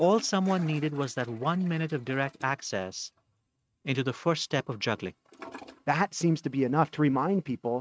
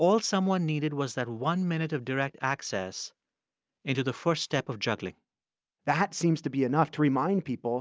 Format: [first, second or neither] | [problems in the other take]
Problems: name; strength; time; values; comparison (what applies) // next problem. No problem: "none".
second | noise reduction (neural mask model RNNoise)